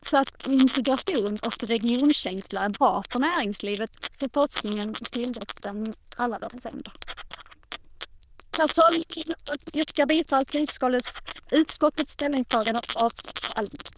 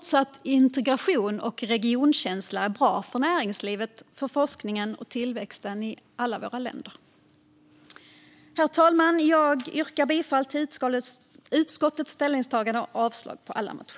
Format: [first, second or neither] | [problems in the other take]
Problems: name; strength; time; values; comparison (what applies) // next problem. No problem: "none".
second | noise reduction (neural diffusion model UNIVERSE++)